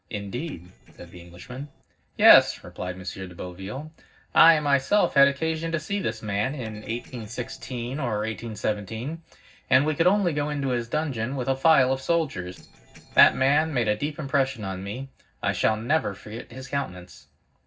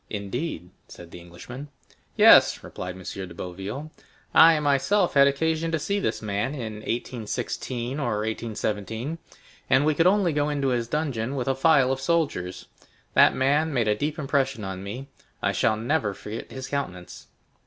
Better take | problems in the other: second | noise reduction (neural separator model SepFormer DNS4)

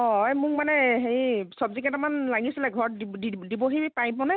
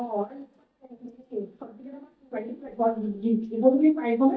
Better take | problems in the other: first | noise reduction (neural mask model DeepFilterNet 3)

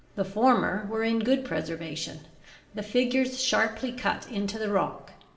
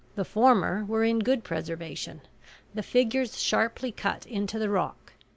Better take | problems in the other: second | room echo; dies away in 0.6 s

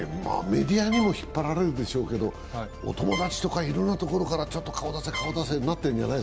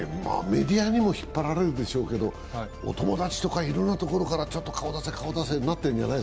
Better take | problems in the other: second | background sound (Trumpet); 12 dB below the speech

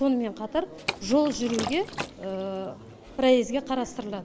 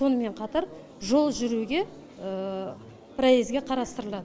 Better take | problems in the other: second | background sound (Liquid); 10 dB below the speech

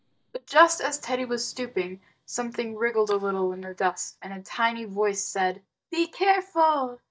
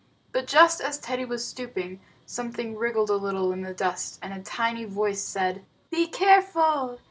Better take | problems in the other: second | noise reduction (neural mask model DeepFilterNet 3)

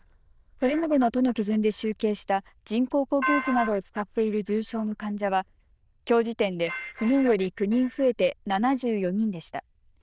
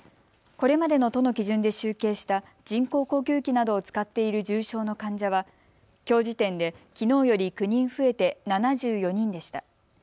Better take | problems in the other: second | noise reduction (neural diffusion model UNIVERSE++)

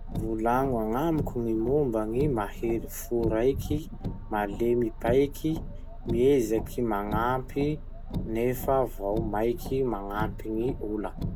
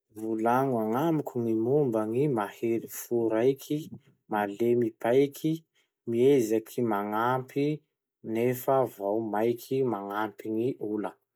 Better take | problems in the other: second | background sound (Car); 7 dB below the speech

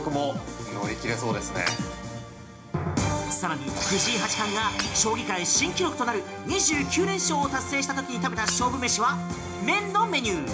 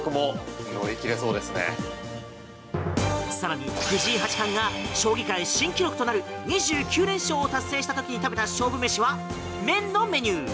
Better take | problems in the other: second | background sound (Shatter / Hammer); 12 dB below the speech // room echo; dies away in 0.4 s

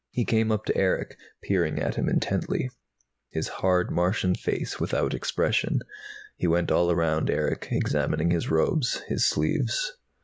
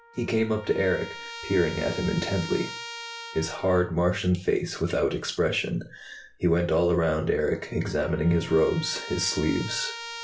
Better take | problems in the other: first | background sound (Trumpet); 15 dB below the speech // room echo; dies away in 0.3 s

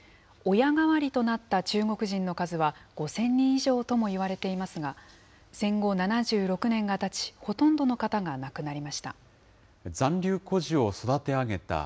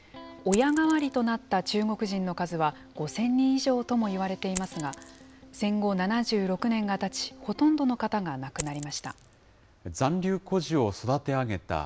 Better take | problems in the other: first | background sound (Electric guitar + Coin (dropping)); 19 dB below the speech

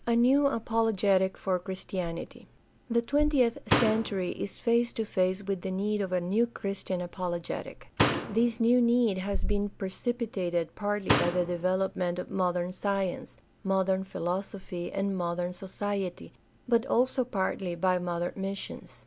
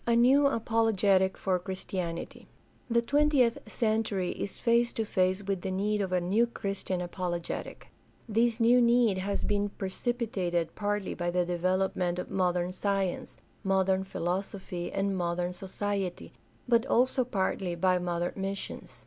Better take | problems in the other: second | background sound (Slam); 3 dB below the speech

